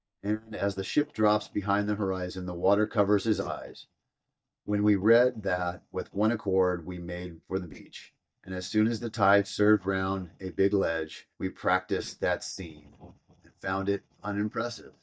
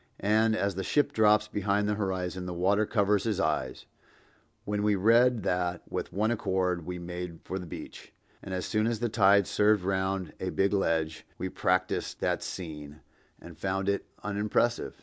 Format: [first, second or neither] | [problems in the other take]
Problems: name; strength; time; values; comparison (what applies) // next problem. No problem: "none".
second | noise reduction (neural mask model DeepFilterNet 3)